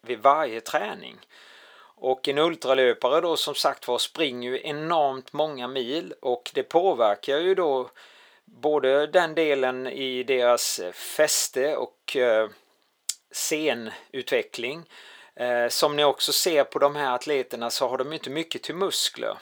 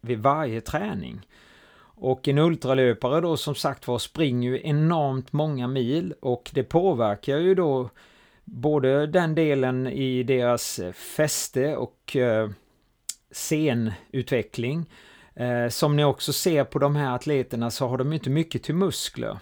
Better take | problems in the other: second | thin; very; fading below 550 Hz

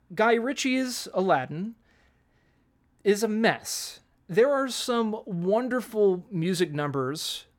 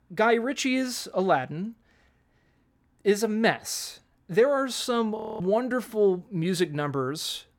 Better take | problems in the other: first | audio freezing; at 5 s

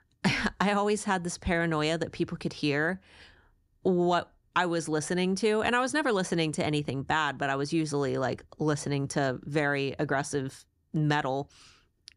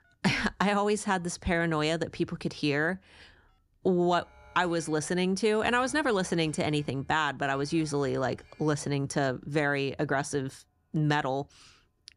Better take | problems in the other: first | alarms or sirens; faint; throughout; 30 dB below the speech

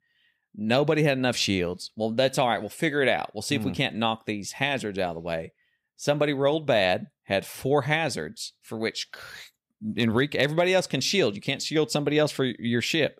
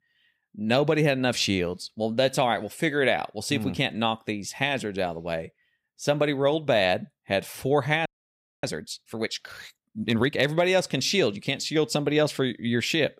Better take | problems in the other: first | audio freezing; at 8 s for 0.5 s

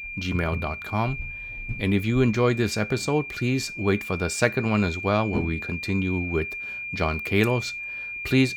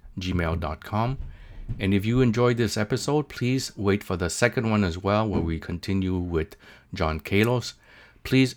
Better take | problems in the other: second | high-pitched whine; loud; throughout; 2.5 kHz, 7 dB below the speech

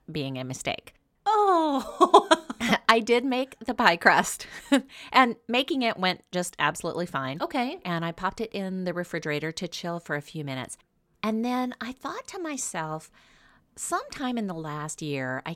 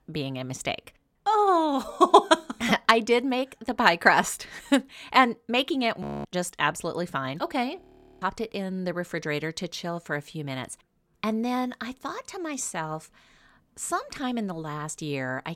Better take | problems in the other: first | audio freezing; at 6 s and at 8 s

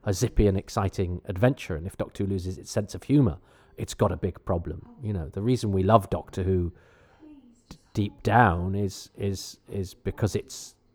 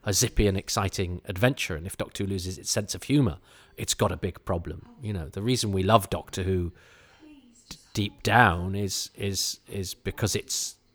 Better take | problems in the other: second | muffled; slightly; fading above 1.5 kHz

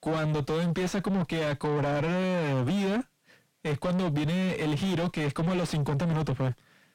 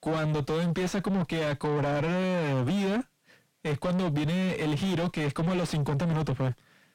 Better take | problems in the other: neither | distortion; heavy; 5 dB below the speech; the same in both

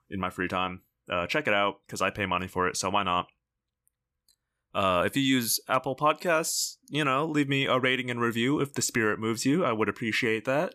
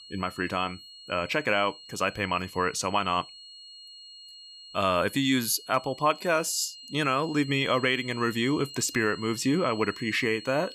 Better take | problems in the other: first | high-pitched whine; noticeable; throughout; 4 kHz, 15 dB below the speech

